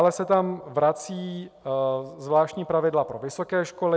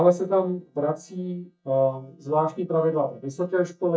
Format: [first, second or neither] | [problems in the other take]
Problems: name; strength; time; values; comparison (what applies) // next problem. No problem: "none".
first | noise reduction (neural mask model DeepFilterNet 3)